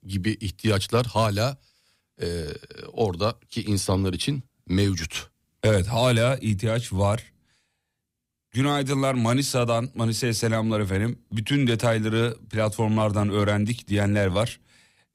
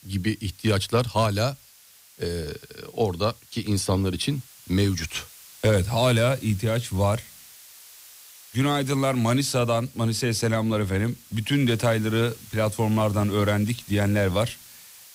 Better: first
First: none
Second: hiss; faint; throughout; 20 dB below the speech

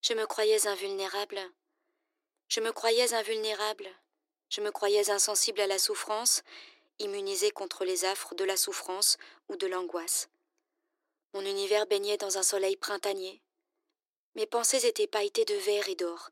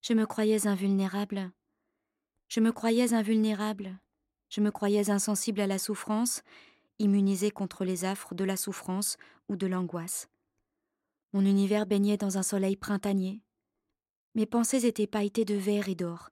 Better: second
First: thin; very; fading below 350 Hz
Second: none

